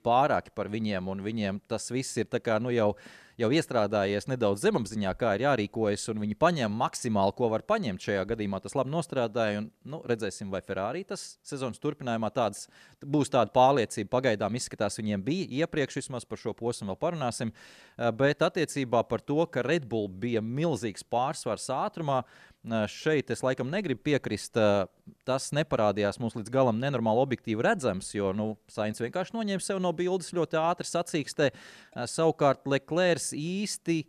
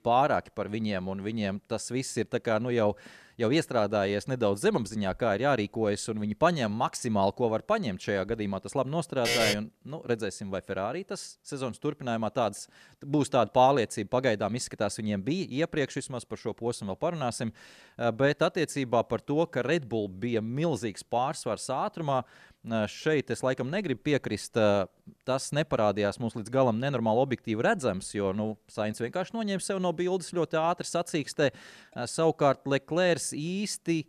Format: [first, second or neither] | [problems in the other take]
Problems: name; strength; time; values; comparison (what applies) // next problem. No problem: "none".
first | alarm; loud; at 9 s; peak 3 dB above the speech